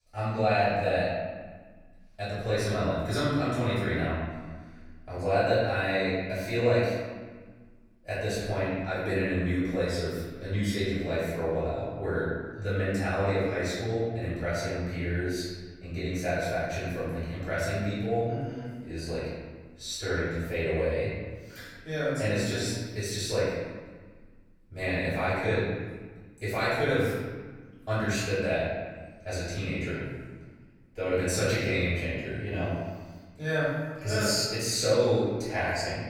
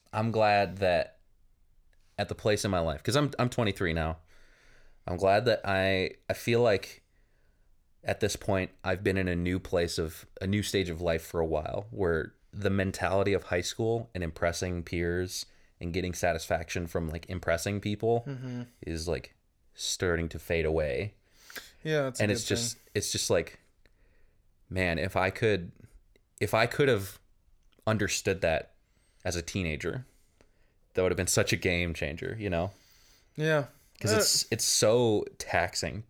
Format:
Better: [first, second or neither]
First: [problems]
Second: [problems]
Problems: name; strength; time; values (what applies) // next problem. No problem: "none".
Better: second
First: off-mic speech; far // room echo; strong; dies away in 1.4 s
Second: none